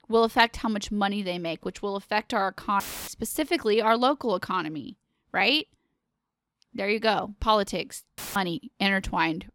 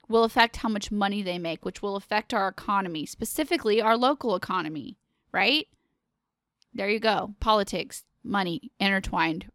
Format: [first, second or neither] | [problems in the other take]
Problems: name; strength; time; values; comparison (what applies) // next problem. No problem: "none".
second | audio cutting out; filled with static; at 3 s and at 8 s